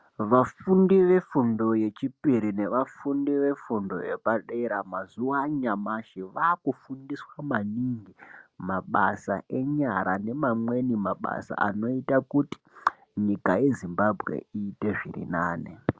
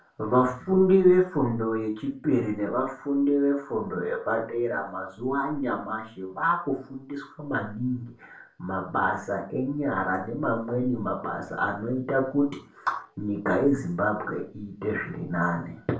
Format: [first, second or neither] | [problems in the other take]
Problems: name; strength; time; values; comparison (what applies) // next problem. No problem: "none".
first | room echo; dies away in 0.3 s